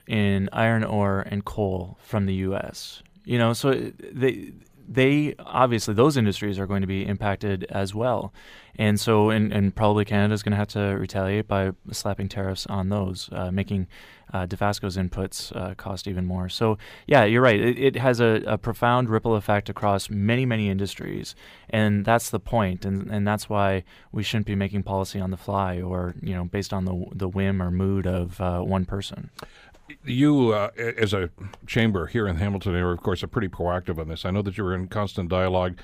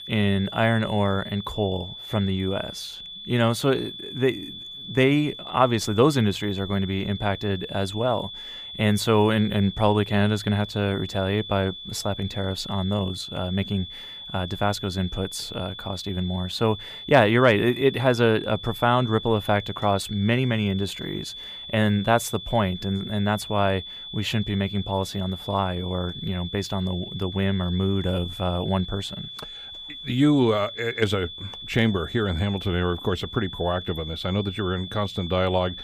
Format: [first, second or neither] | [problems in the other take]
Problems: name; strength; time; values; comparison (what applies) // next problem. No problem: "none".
first | high-pitched whine; noticeable; throughout; 3.5 kHz, 10 dB below the speech